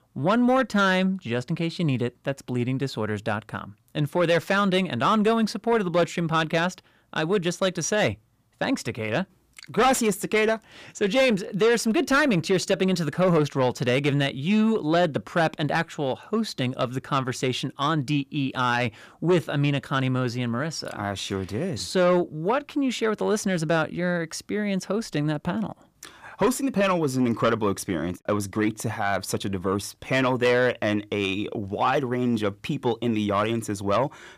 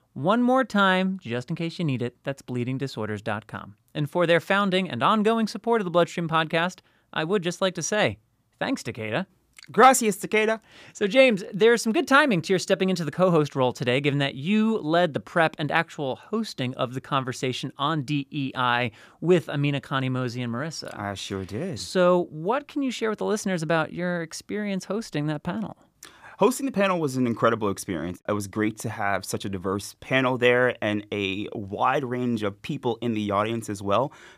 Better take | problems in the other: second | distortion; slight; 10 dB below the speech

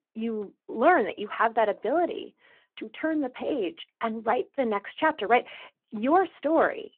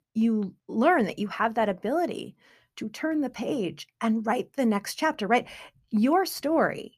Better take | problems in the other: second | phone-call audio

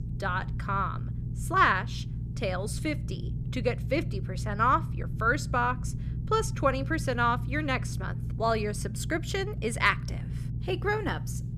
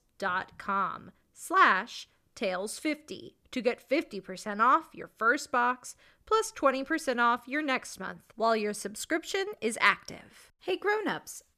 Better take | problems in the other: second | low rumble; noticeable; throughout; 20 dB below the speech

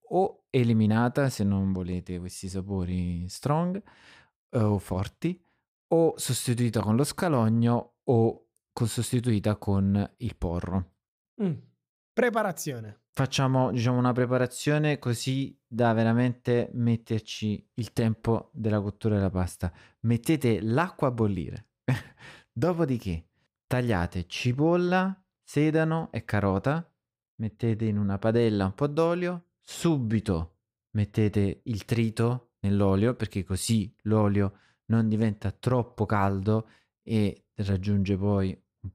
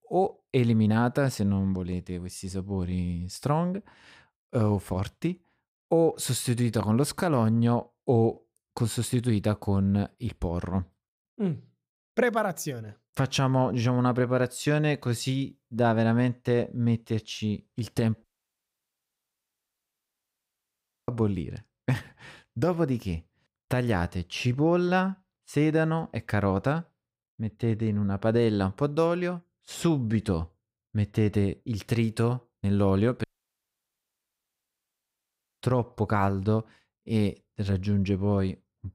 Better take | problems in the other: first | audio cutting out; at 18 s for 3 s and at 33 s for 2.5 s

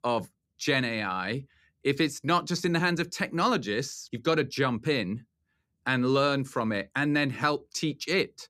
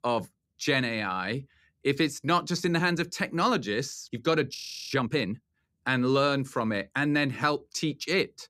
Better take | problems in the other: first | audio freezing; at 4.5 s

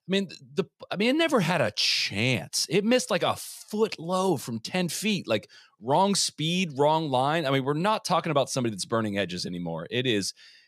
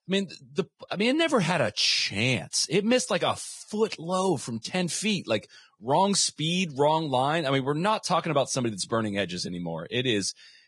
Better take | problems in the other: first | garbled, watery; badly; nothing above 10 kHz

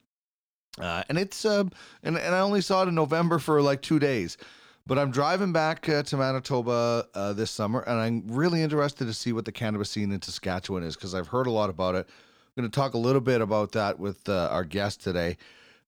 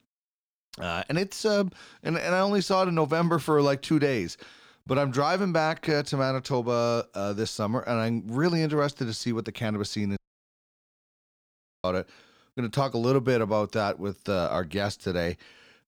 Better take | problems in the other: first | audio cutting out; at 10 s for 1.5 s

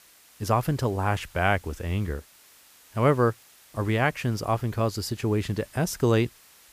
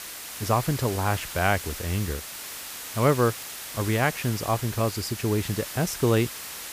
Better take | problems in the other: first | hiss; loud; throughout; 9 dB below the speech; faint in the first

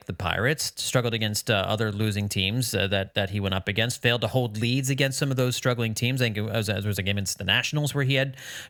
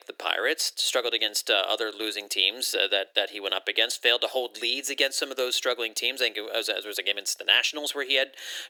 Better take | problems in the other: first | thin; very; fading below 300 Hz

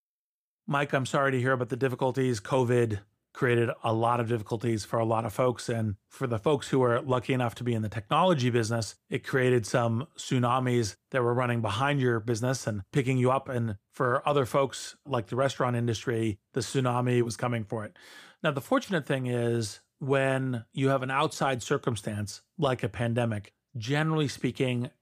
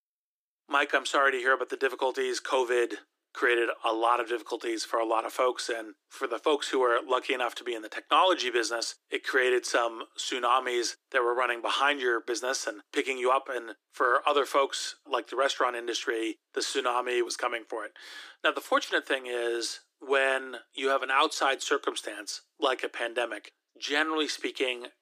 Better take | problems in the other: first | thin; very; fading below 300 Hz

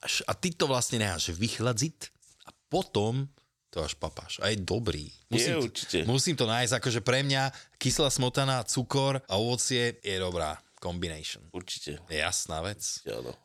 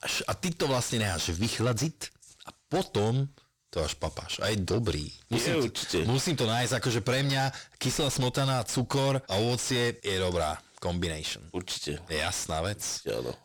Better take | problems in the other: first | distortion; heavy; 7 dB below the speech

